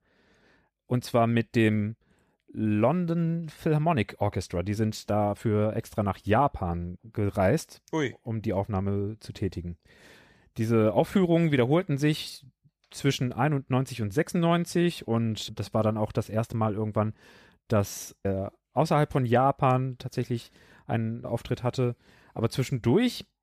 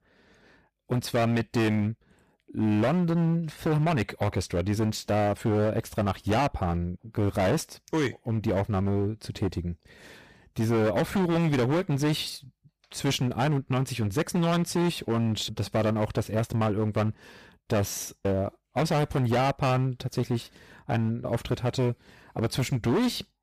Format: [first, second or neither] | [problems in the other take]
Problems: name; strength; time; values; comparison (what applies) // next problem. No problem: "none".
first | distortion; heavy; 17% of the sound clipped